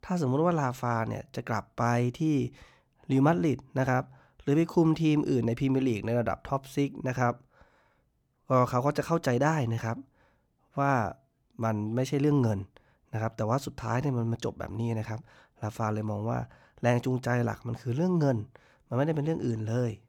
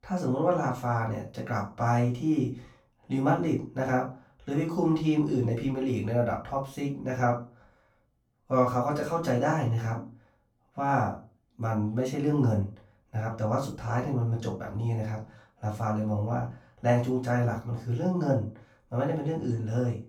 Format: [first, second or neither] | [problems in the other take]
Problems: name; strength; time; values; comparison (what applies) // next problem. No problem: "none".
first | off-mic speech; far // room echo; slight; dies away in 0.3 s